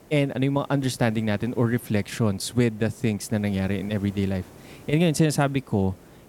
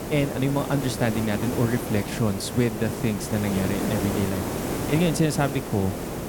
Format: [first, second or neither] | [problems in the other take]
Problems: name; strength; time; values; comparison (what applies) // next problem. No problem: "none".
first | hiss; loud; throughout; 4 dB below the speech; faint in the first